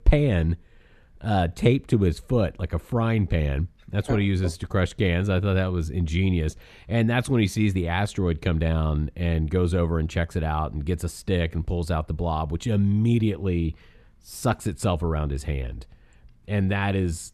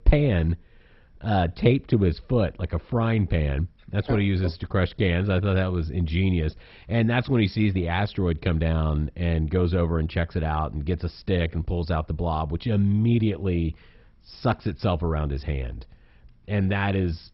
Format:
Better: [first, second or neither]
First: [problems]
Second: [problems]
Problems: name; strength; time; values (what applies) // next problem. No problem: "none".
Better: first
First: none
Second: garbled, watery; badly; nothing above 5.5 kHz